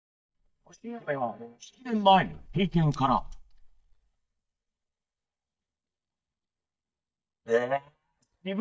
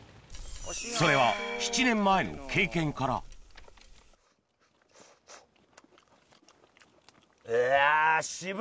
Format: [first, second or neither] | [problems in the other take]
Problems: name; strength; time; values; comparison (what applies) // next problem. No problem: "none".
second | noise reduction (neural mask model DeepFilterNet 3)